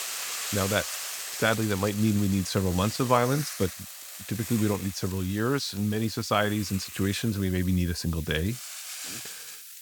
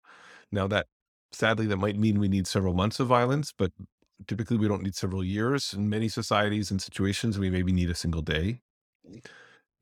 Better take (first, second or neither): second